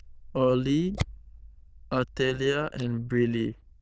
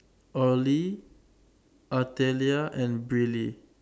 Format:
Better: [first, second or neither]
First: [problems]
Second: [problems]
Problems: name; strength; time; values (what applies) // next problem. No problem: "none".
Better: second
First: noise reduction (neural diffusion model UNIVERSE++)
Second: none